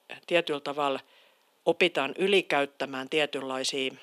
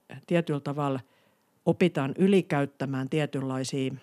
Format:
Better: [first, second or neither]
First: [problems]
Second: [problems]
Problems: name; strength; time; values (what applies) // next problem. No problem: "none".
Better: second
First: thin; somewhat; fading below 500 Hz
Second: none